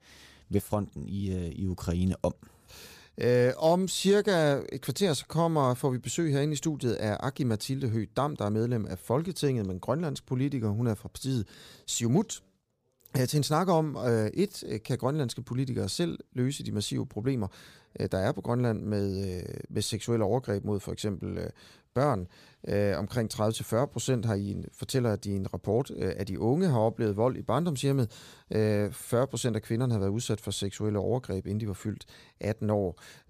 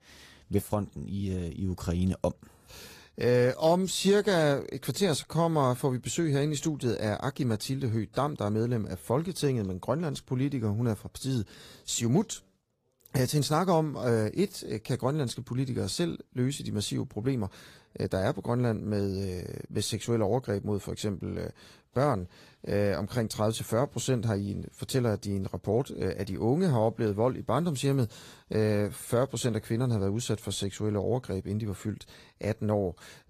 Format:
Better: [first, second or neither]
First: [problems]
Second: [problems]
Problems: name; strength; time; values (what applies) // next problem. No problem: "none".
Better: first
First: none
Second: garbled, watery; slightly; nothing above 15 kHz